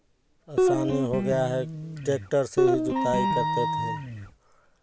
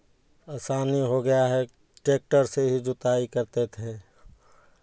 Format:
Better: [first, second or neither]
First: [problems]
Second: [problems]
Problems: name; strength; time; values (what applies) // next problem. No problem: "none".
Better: second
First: background sound (Wind instrument, woodwind instrument + Guitar); 3 dB above the speech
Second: none